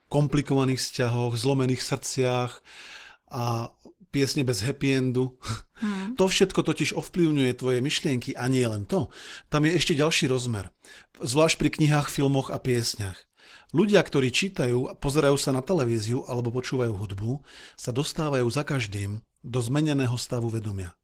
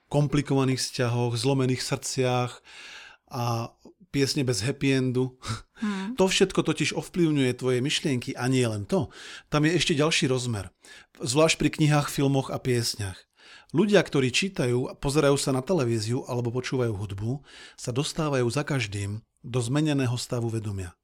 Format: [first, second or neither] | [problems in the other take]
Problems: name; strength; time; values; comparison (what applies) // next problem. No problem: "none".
second | garbled, watery; slightly; nothing above 17.5 kHz